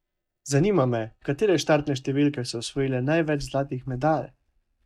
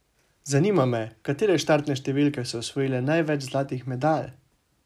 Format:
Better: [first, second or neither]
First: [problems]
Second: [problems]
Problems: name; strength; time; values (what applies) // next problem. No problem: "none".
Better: second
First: noise reduction (neural mask model DeepFilterNet 3)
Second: none